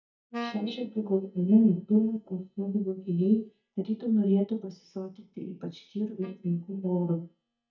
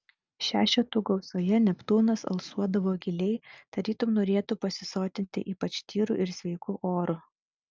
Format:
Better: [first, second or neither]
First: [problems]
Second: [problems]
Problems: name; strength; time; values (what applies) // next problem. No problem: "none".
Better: second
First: noise reduction (neural mask model DeepFilterNet 3)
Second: none